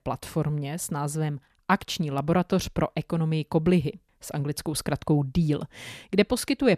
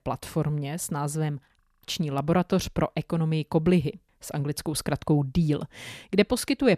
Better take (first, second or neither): first